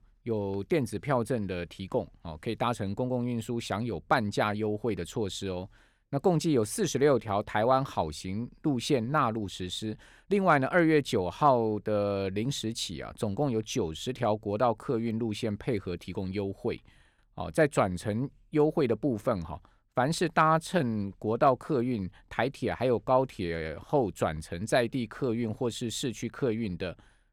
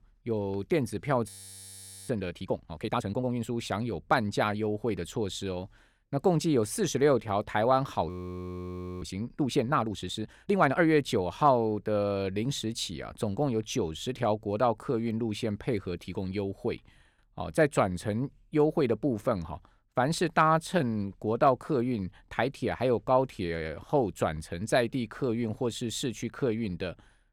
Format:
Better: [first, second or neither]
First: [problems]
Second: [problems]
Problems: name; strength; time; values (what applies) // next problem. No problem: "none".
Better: first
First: none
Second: audio freezing; at 1.5 s for 1 s and at 8 s for 1 s